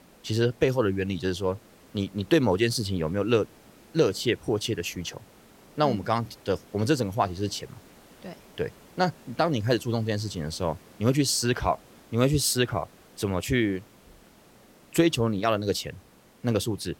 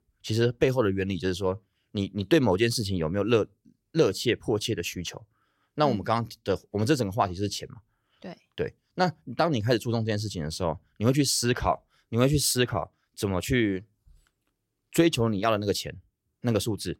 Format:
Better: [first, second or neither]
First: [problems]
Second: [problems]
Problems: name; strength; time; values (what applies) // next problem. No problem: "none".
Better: second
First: hiss; faint; throughout; 25 dB below the speech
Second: none